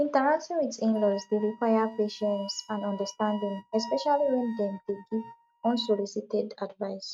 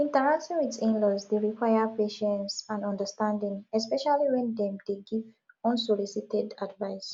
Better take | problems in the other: second | noise reduction (neural mask model RNNoise)

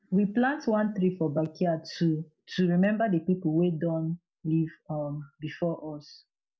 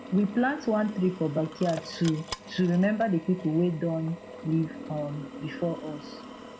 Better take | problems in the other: first | background sound (Drill); 14 dB below the speech

